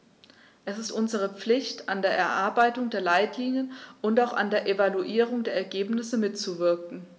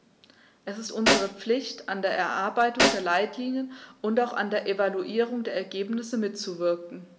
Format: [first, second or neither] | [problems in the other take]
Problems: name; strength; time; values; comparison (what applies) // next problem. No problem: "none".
first | background sound (Snare drum); 1 dB below the speech